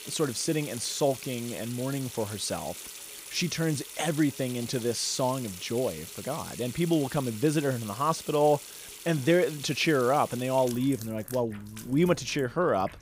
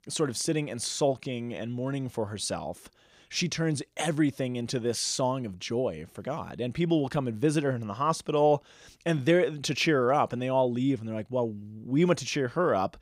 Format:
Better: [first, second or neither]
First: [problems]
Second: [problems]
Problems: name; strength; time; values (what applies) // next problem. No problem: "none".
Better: second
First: household noises; noticeable; throughout; 10 dB below the speech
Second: none